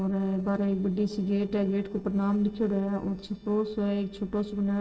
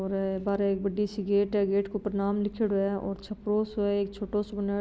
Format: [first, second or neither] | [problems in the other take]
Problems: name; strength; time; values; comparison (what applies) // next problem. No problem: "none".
second | noise reduction (neural separator model SepFormer DNS4)